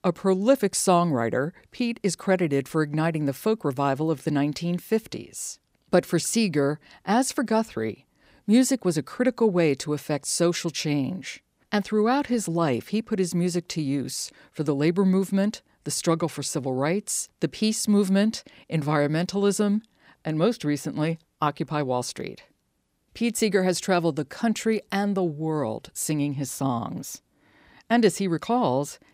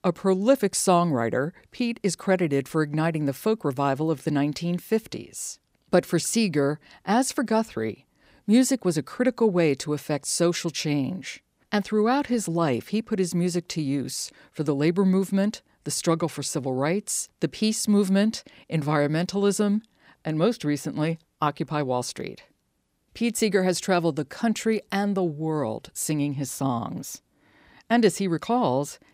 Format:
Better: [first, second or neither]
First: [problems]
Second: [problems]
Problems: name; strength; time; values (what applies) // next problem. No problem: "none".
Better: neither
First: none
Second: none